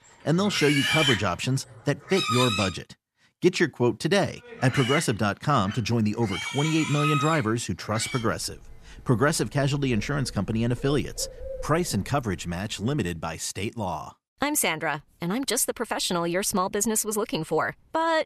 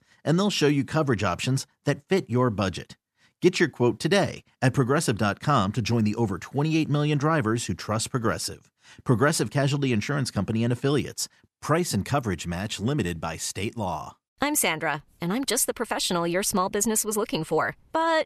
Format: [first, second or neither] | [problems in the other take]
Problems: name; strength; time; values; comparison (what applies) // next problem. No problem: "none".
second | animal sounds; loud; until 13 s; 3 dB below the speech